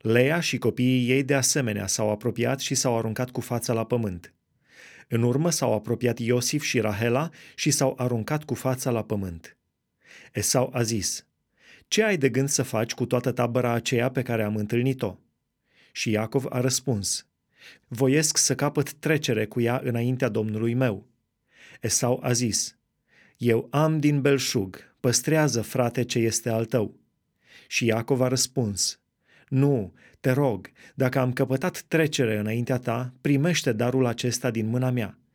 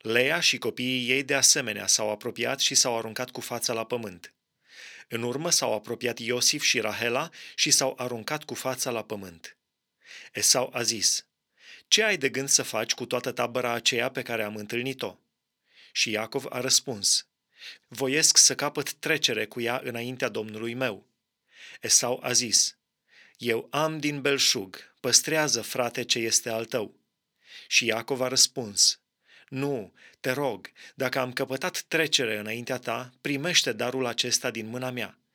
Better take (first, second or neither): first